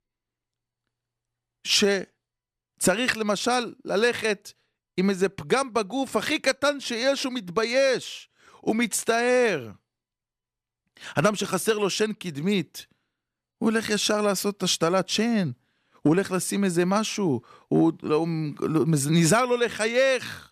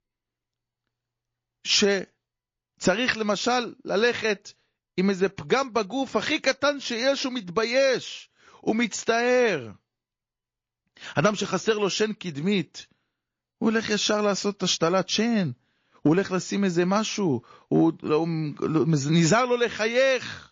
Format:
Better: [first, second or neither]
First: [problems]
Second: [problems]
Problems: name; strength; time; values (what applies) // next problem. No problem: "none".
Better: first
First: none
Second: garbled, watery; slightly; nothing above 6.5 kHz